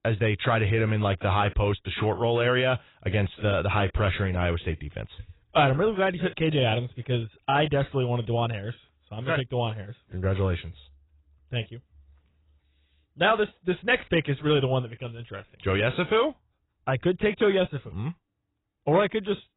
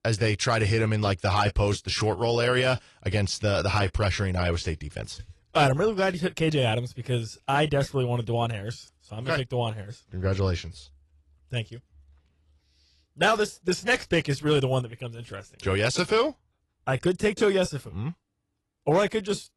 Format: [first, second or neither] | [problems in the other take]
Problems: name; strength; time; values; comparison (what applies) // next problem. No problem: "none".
second | garbled, watery; badly; nothing above 4 kHz; slightly in the second